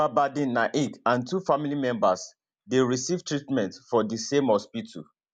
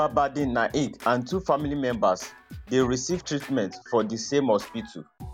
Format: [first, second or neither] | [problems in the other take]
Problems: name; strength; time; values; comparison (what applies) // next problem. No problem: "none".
first | background sound (Scratching (performance technique)); 18 dB below the speech